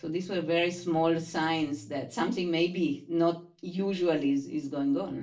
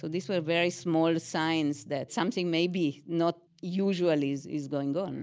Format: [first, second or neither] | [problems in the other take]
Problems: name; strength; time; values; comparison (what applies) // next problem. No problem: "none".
second | room echo; dies away in 0.3 s